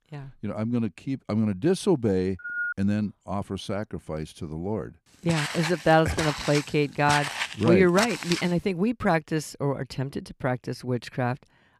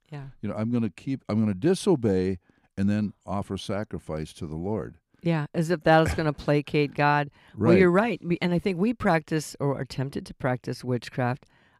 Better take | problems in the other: second | phone ringing; noticeable; at 2.5 s; peak 4 dB below the speech // footsteps; noticeable; from 5.5 to 8.5 s; peak 1 dB below the speech

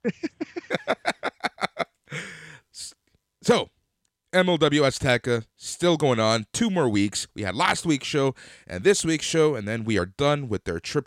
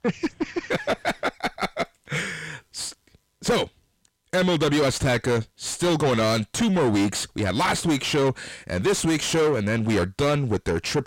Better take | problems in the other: first | distortion; heavy; 6 dB below the speech

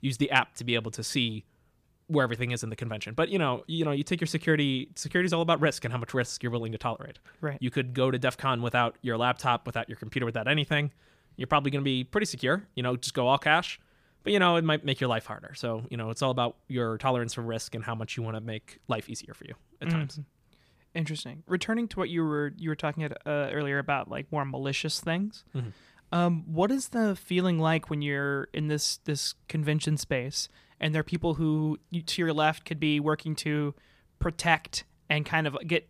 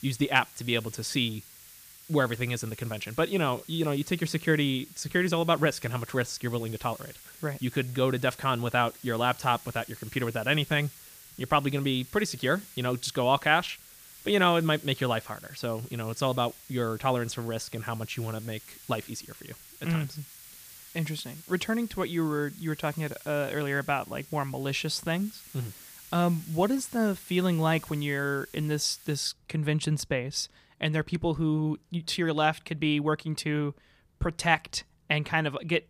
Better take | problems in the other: first | hiss; noticeable; until 29 s; 20 dB below the speech

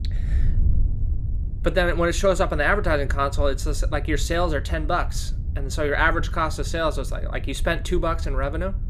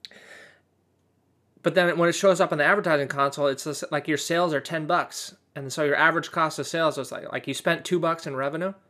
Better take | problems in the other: second | wind noise on the microphone; occasional gusts; 20 dB below the speech

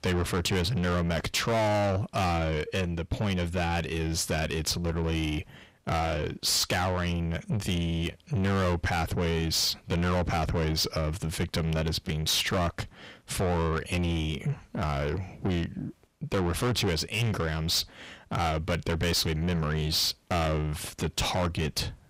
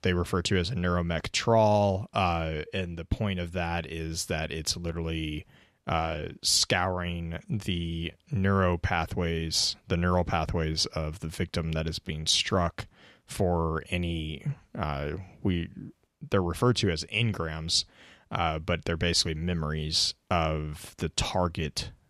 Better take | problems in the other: second | distortion; heavy; 7 dB below the speech

